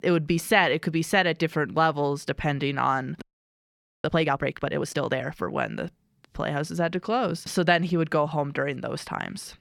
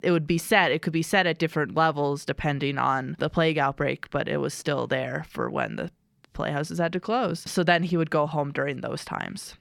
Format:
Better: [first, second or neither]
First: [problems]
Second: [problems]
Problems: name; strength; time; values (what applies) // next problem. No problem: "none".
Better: second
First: audio freezing; at 3 s for 1 s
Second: none